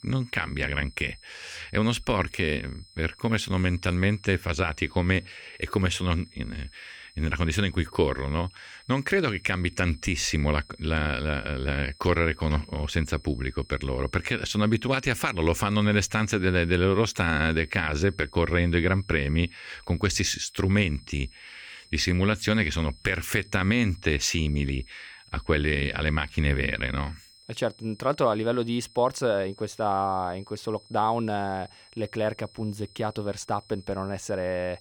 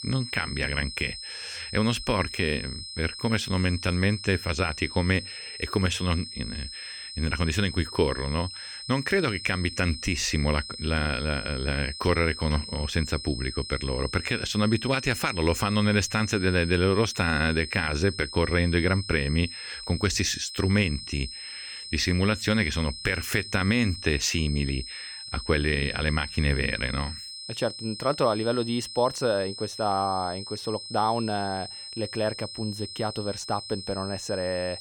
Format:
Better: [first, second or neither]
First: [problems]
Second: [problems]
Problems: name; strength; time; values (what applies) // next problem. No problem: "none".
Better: first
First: high-pitched whine; faint; throughout; 5 kHz, 25 dB below the speech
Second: high-pitched whine; loud; throughout; 5 kHz, 10 dB below the speech